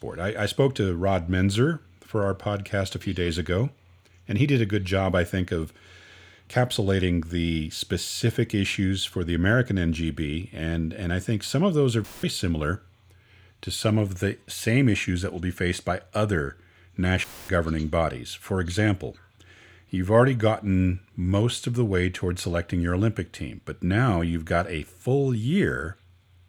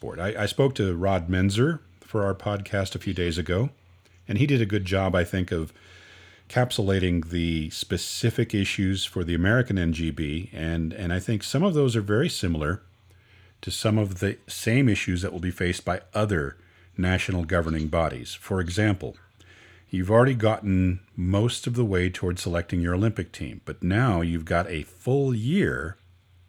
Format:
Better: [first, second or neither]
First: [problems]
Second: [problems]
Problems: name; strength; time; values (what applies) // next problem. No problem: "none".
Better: second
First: audio cutting out; filled with static; at 12 s and at 17 s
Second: none